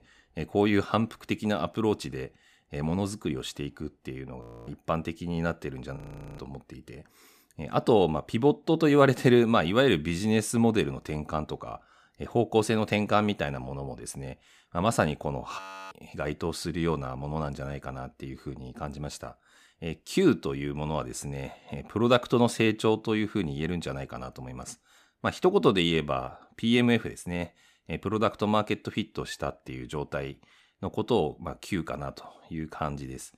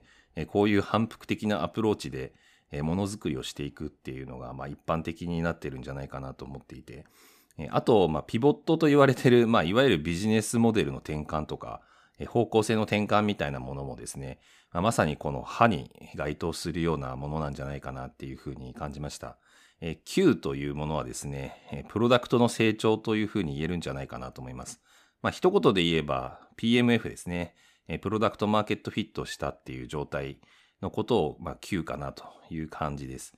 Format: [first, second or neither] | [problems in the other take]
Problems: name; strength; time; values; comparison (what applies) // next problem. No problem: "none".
second | audio freezing; at 4.5 s, at 6 s and at 16 s